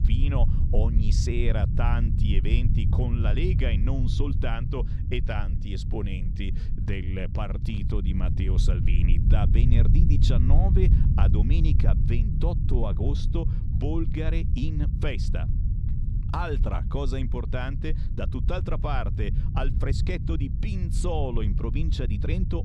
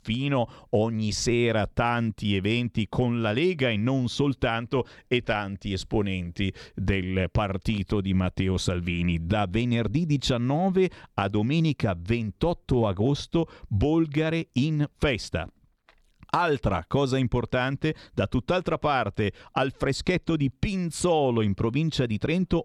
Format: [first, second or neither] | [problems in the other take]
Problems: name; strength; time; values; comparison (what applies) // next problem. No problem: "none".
second | low rumble; loud; throughout; 6 dB below the speech